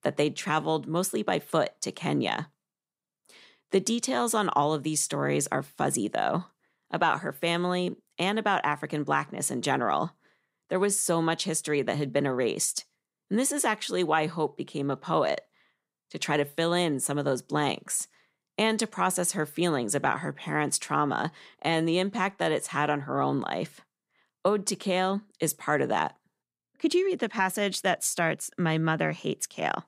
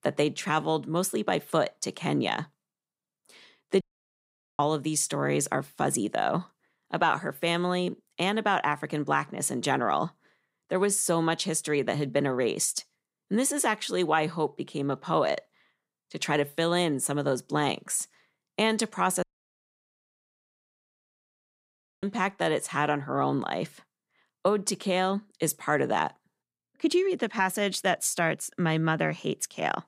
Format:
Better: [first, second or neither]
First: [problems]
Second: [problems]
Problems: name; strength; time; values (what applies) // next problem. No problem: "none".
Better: first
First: none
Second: audio cutting out; at 4 s for 1 s and at 19 s for 3 s